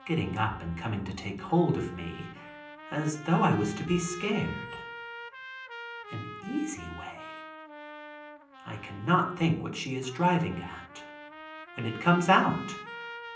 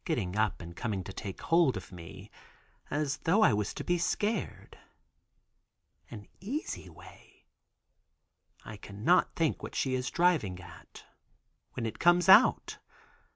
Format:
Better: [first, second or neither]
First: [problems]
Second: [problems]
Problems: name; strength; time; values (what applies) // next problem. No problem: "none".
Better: second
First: background sound (Trumpet); 14 dB below the speech // room echo; dies away in 0.6 s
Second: none